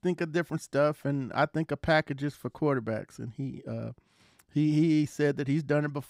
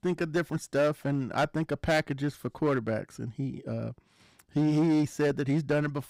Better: first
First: none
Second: distortion; slight; 7% of the sound clipped

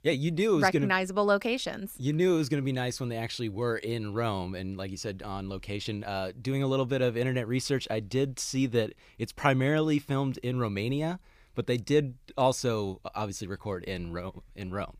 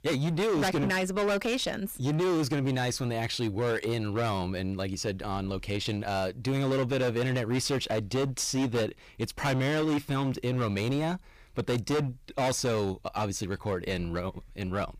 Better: first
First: none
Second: distortion; heavy; 20% of the sound clipped

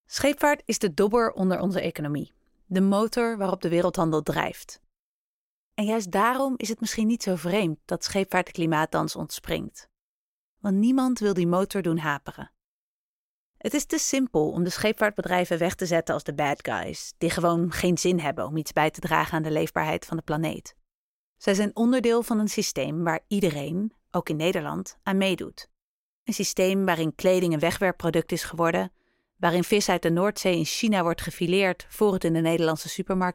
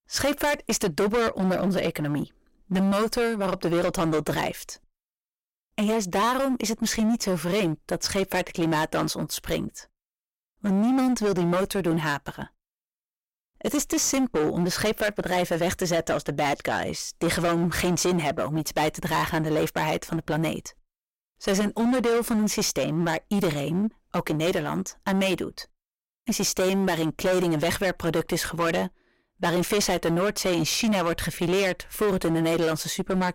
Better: first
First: none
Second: distortion; heavy; 17% of the sound clipped

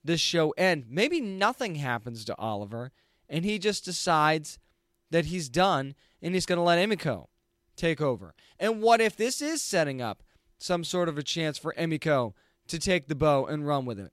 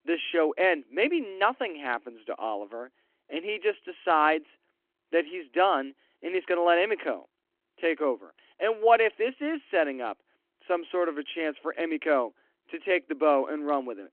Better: first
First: none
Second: phone-call audio

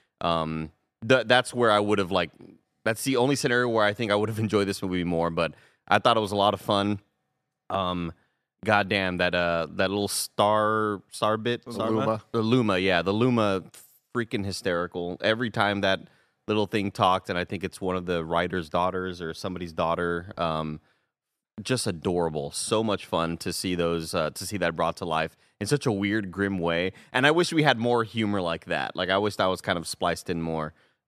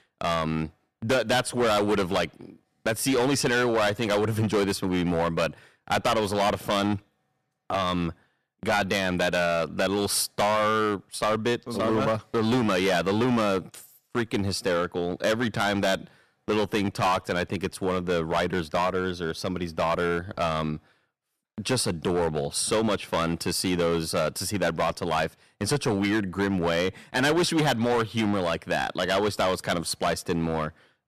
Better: first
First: none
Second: distortion; heavy; 11% of the sound clipped

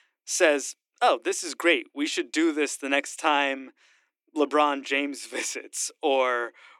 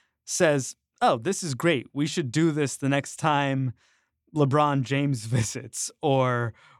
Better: second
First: thin; somewhat; fading below 300 Hz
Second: none

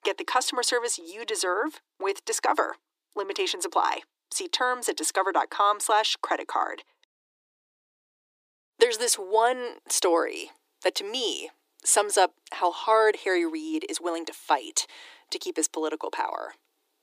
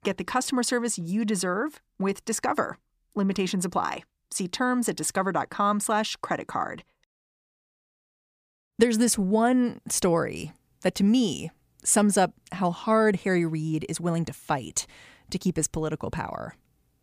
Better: second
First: thin; very; fading below 300 Hz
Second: none

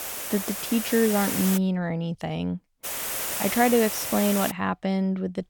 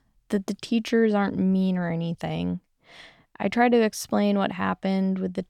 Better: second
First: hiss; loud; until 1.5 s and from 3 to 4.5 s; 3 dB below the speech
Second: none

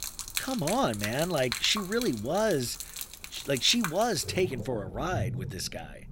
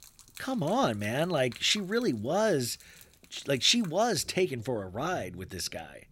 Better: second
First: rain or running water; loud; throughout; 8 dB below the speech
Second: rain or running water; faint; throughout; 25 dB below the speech

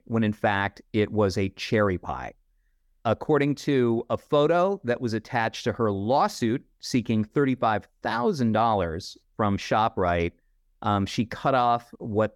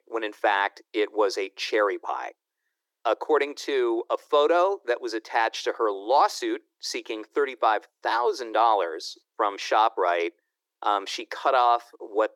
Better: first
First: none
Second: thin; very; fading below 350 Hz

